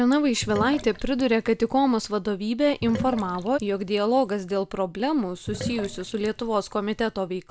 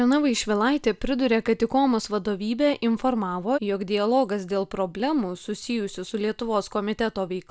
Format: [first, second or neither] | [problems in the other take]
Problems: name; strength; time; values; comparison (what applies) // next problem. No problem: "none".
second | background sound (Sink (filling or washing)); 14 dB below the speech